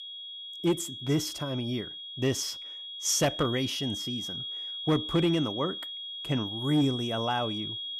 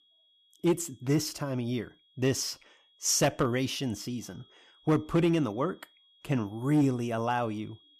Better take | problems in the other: second | high-pitched whine; loud; throughout; 3.5 kHz, 6 dB below the speech; faint in the second

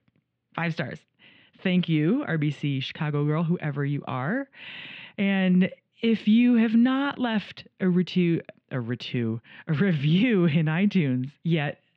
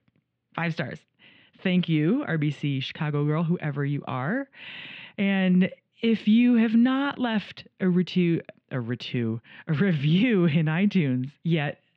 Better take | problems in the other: neither | muffled; slightly; fading above 3.5 kHz; the same in both

